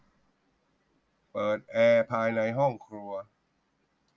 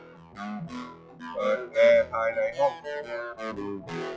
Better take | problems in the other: first | noise reduction (classical method log-MMSE)

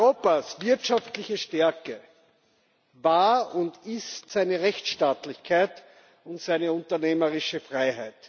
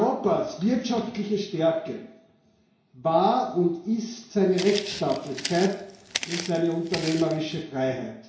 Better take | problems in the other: first | background sound (Walk, footsteps); 10 dB below the speech // room echo; dies away in 0.6 s

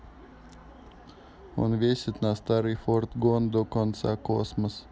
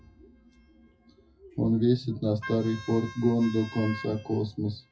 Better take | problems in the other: first | noise reduction (classical method WPE with log-MMSE)

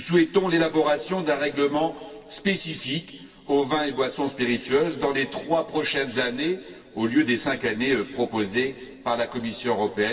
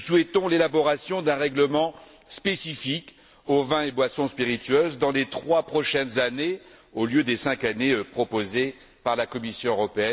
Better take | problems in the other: second | room echo; dies away in 2.2 s

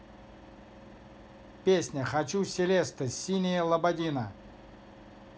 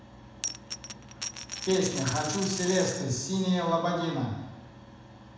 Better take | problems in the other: first | background sound (Coin (dropping)); 7 dB below the speech // room echo; dies away in 1.1 s

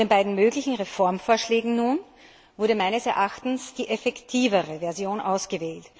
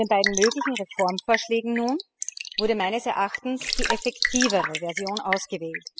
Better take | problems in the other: first | noise reduction (classical method spectral subtraction)

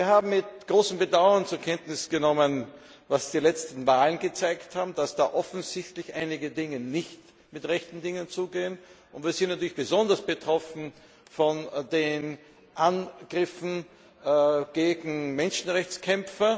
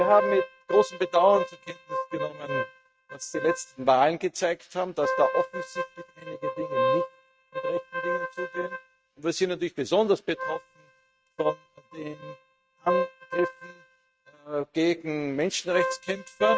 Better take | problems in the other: first | noise reduction (neural mask model RNNoise)

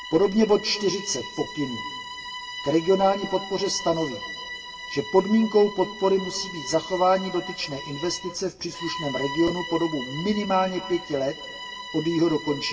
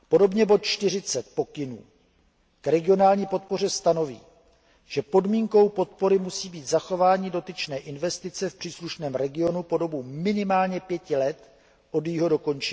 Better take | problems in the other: second | background sound (Bowed string instrument); 12 dB below the speech // room echo; dies away in 2.5 s

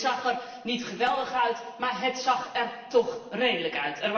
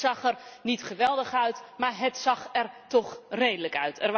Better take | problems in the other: second | room echo; dies away in 1.1 s

